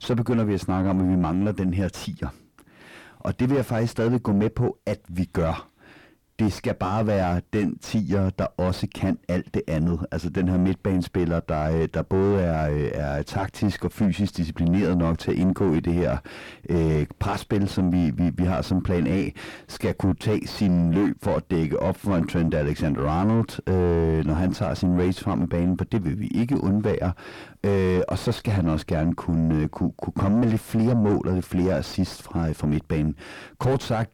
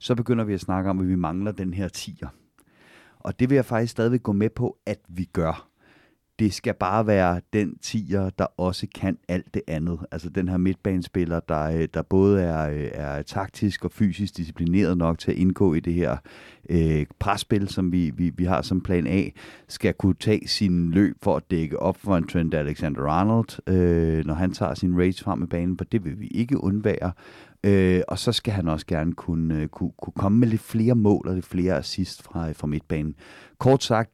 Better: second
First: distortion; heavy; 6 dB below the speech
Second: none

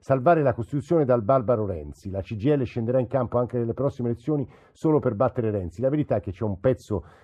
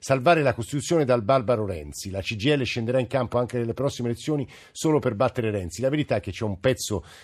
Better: second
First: muffled; very; fading above 1.5 kHz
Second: none

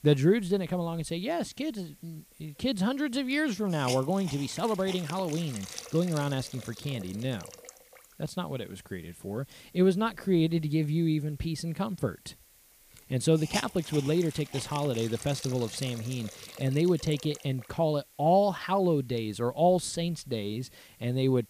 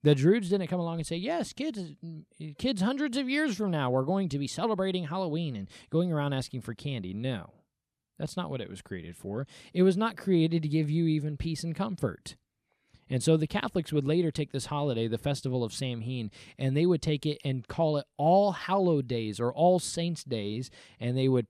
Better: second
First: hiss; noticeable; throughout; 15 dB below the speech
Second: none

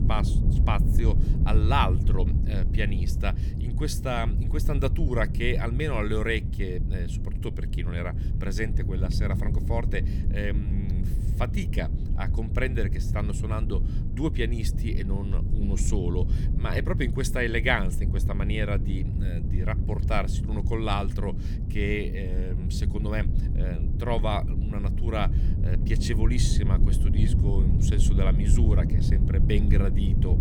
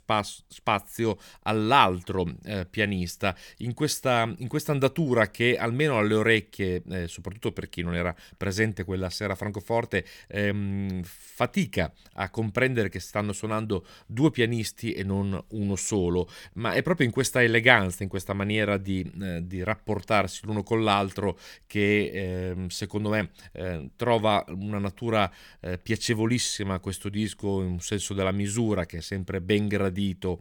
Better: second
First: low rumble; loud; throughout; 8 dB below the speech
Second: none

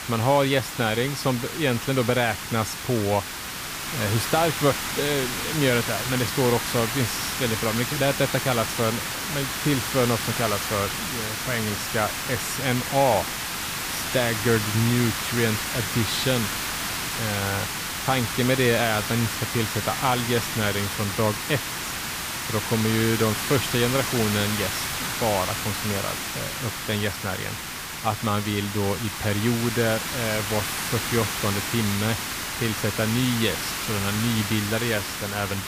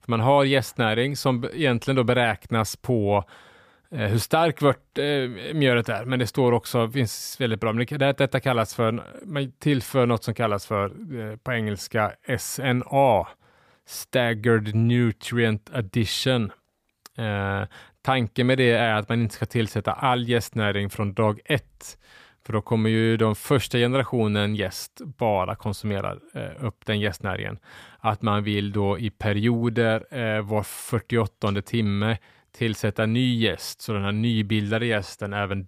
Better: second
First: hiss; loud; throughout; 2 dB below the speech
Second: none

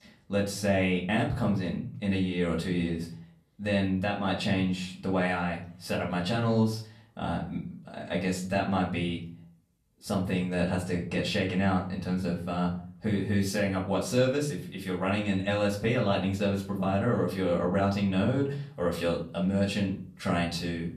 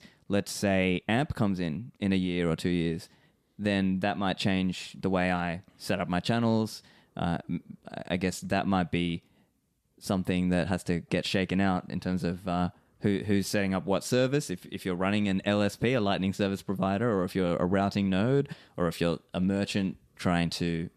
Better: second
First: off-mic speech; far // room echo; slight; dies away in 0.4 s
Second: none

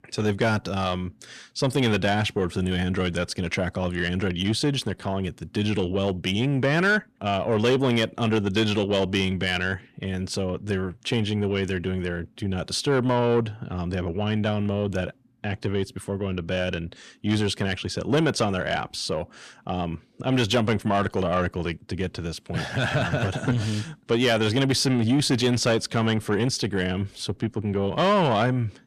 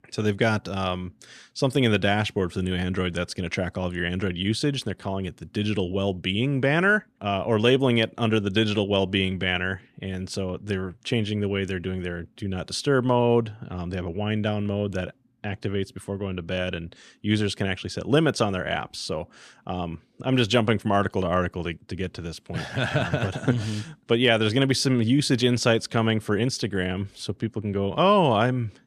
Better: second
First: distortion; slight; 10 dB below the speech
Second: none

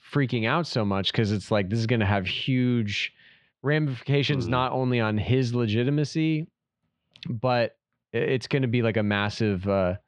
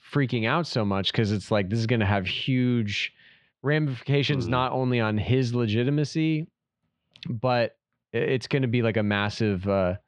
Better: neither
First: muffled; slightly; fading above 3.5 kHz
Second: muffled; slightly; fading above 3.5 kHz

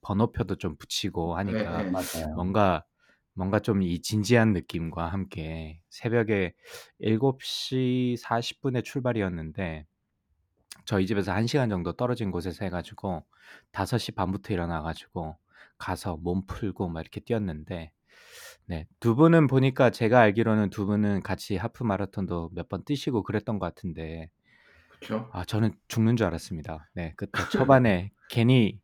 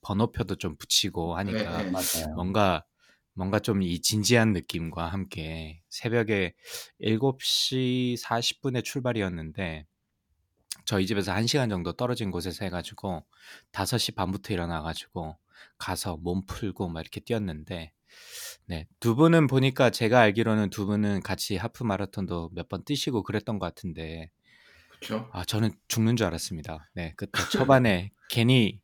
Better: second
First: muffled; slightly; fading above 2.5 kHz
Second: none

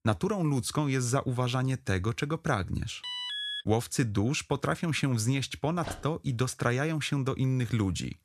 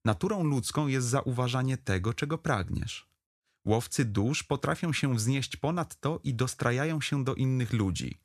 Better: second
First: alarm; noticeable; at 3 s; peak 2 dB below the speech // dog barking; faint; at 6 s; peak 10 dB below the speech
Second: none

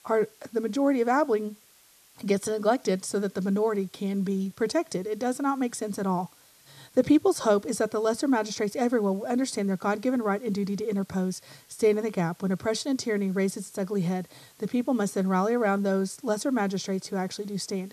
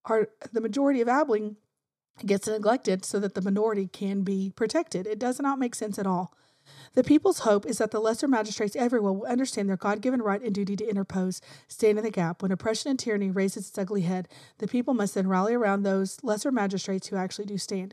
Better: second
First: hiss; faint; throughout; 30 dB below the speech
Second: none

